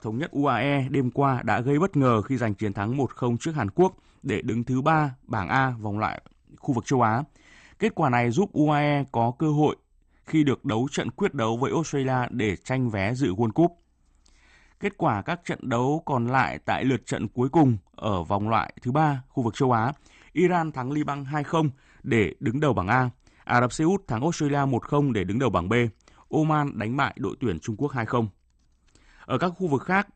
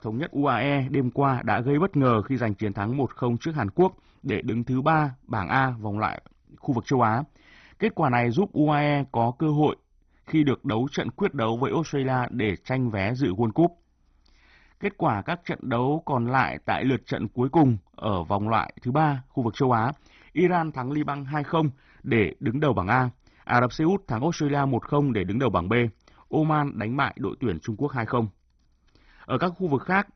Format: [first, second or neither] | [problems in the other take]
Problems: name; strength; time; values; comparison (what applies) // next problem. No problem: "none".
first | garbled, watery; badly; nothing above 6 kHz; slightly in the first